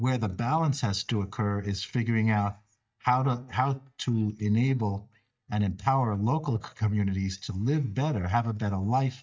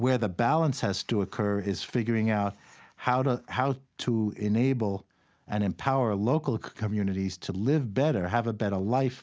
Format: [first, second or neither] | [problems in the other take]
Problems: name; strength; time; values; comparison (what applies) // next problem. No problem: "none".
second | noise reduction (neural mask model DeepFilterNet 3)